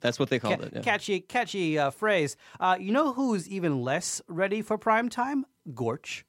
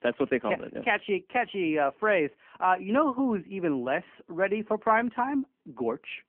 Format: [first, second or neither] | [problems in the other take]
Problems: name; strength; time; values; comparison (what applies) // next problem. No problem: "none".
first | phone-call audio